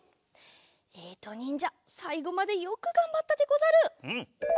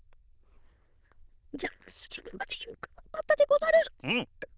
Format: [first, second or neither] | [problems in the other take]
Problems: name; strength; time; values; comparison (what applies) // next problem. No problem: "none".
first | noise reduction (neural diffusion model UNIVERSE++)